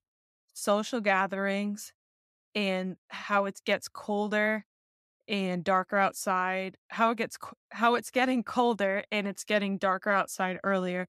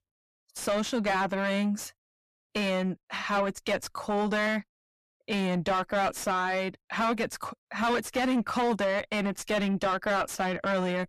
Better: first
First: none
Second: distortion; heavy; 5 dB below the speech

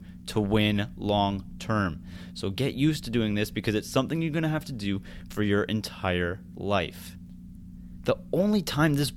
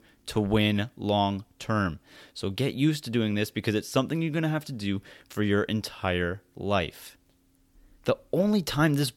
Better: second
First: low rumble; faint; throughout; 25 dB below the speech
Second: none

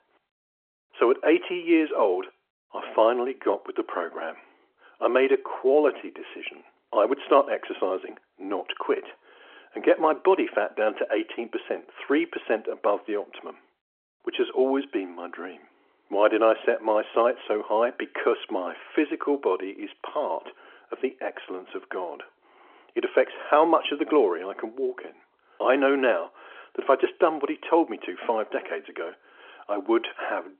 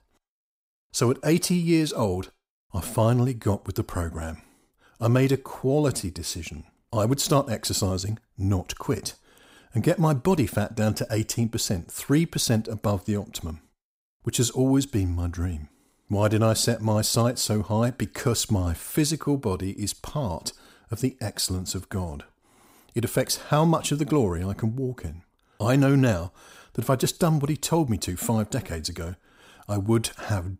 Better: second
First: phone-call audio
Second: none

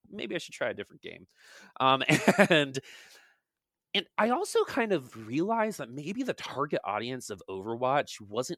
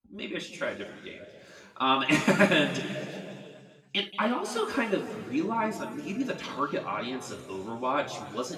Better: first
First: none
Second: room echo; noticeable; dies away in 2.3 s // off-mic speech; far

